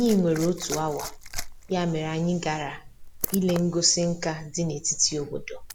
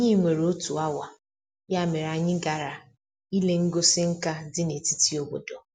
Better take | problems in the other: second | background sound (Liquid); 11 dB below the speech

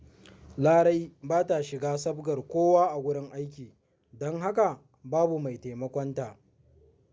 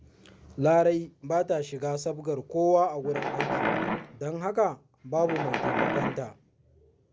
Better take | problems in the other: first | background sound (Wild animals); 2 dB below the speech

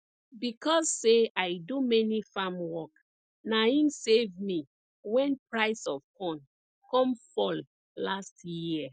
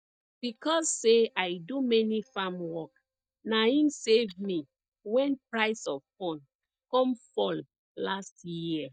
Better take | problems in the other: first | noise reduction (neural mask model DeepFilterNet 3)

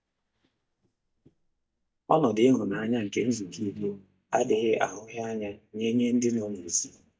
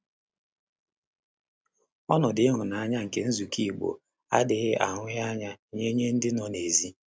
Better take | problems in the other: second | noise reduction (neural mask model DeepFilterNet 3)

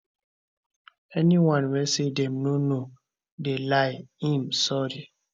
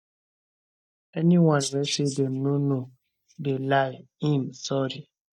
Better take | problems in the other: first | noise reduction (neural mask model DeepFilterNet 3)

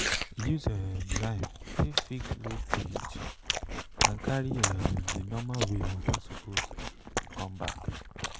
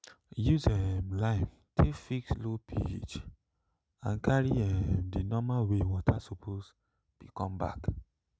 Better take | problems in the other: second | background sound (Chewing, mastication); as loud as the speech

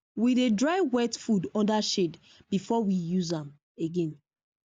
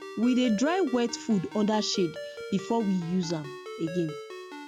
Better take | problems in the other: first | background sound (Ringtone); 13 dB below the speech

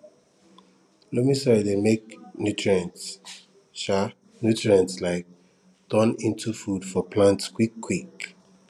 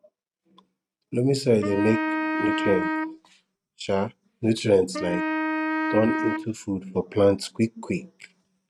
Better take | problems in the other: first | noise reduction (neural mask model RNNoise)

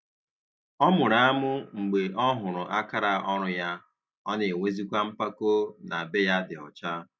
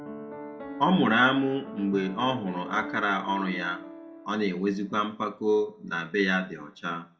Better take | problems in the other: first | background sound (Piano); 15 dB below the speech // room echo; dies away in 0.3 s

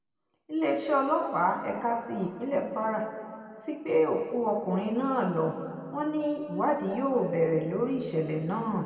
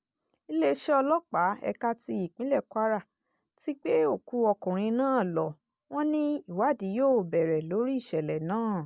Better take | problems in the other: second | room echo; dies away in 2.2 s

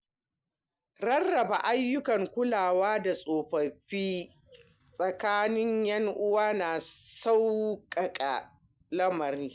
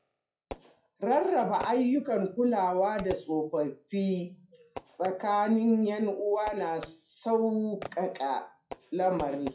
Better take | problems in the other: first | noise reduction (classical method WPE with log-MMSE)

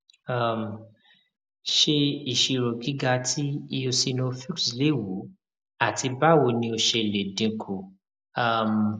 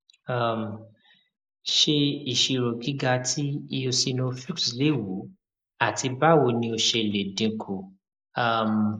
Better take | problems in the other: first | noise reduction (neural mask model Resemble Enhance denoiser)

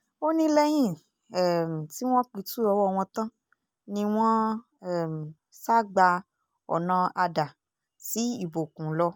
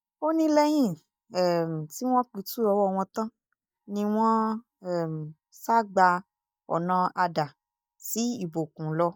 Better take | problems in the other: first | noise reduction (neural mask model DeepFilterNet 3)

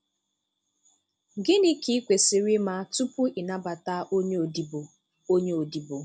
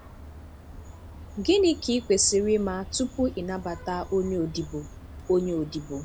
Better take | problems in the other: first | background sound (Vehicle horn, car horn, honking); 15 dB below the speech

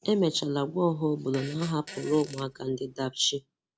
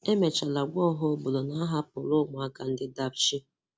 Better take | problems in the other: second | background sound (Fart); 18 dB below the speech

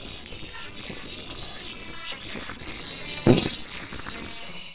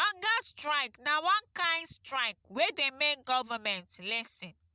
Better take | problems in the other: second | noise reduction (neural separator model SepFormer WHAMR!)

